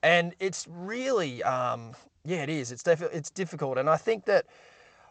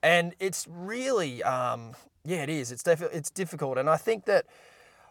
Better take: second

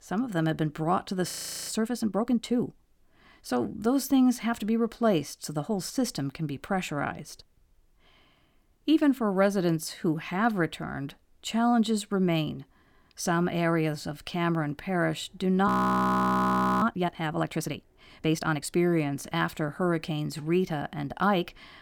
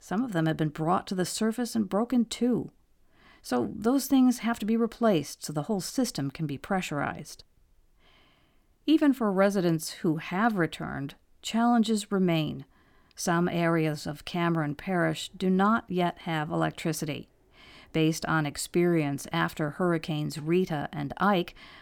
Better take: second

